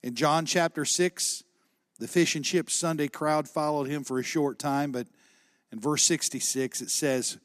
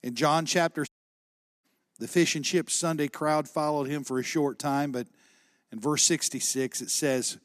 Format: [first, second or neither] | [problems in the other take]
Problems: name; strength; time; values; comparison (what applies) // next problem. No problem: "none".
first | audio cutting out; at 1 s for 0.5 s